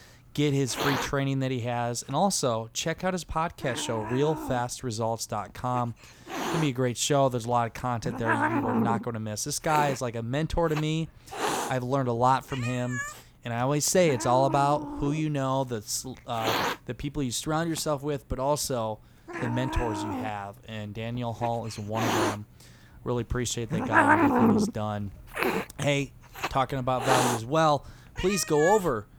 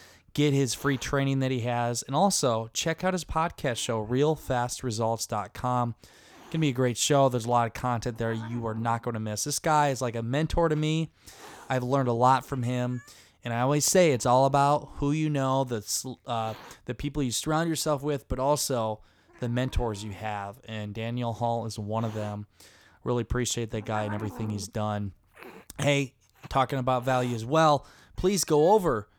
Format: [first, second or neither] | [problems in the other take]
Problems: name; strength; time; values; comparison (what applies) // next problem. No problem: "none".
second | hiss; loud; throughout; 2 dB below the speech; faint in the second